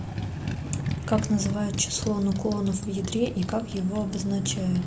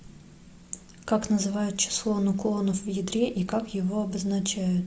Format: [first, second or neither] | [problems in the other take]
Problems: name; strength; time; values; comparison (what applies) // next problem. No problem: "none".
second | background sound (Motorcycle); 5 dB below the speech